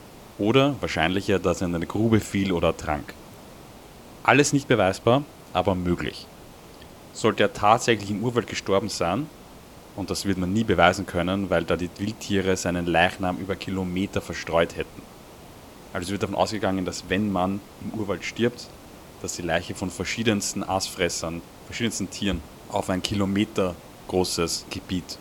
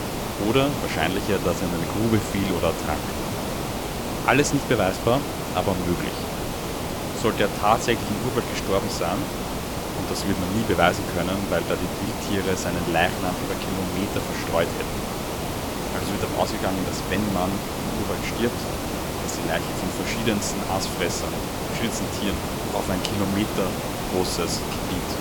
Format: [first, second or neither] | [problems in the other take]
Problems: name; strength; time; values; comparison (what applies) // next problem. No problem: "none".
first | hiss; loud; throughout; 2 dB below the speech; faint in the first